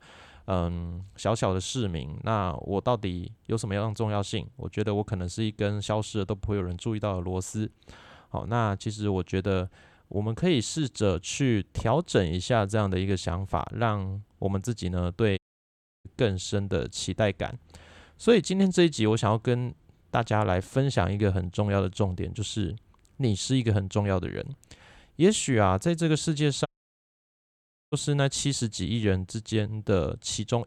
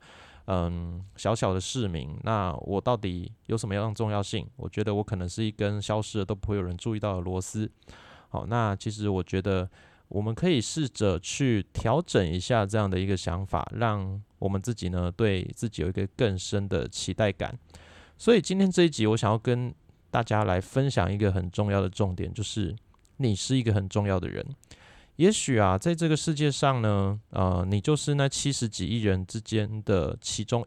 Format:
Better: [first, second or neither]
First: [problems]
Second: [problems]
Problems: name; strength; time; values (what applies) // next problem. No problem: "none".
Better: second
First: audio cutting out; at 15 s for 0.5 s and at 27 s for 1.5 s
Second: none